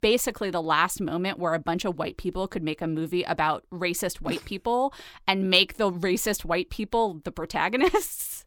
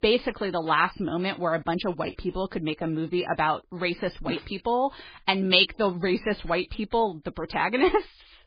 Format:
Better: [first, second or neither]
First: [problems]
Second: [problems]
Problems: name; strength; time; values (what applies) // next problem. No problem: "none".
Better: first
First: none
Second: garbled, watery; badly; nothing above 5 kHz